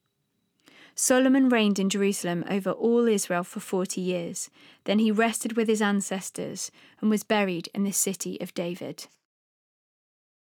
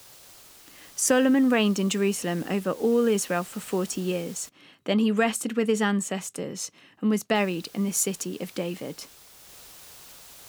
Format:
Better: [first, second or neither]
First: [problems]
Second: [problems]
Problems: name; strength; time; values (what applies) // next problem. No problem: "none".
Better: first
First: none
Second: hiss; faint; until 4.5 s and from 7.5 s on; 20 dB below the speech